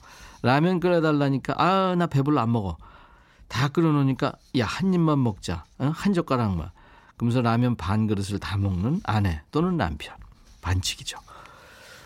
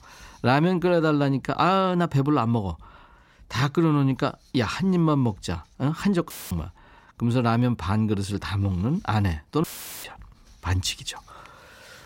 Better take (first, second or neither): first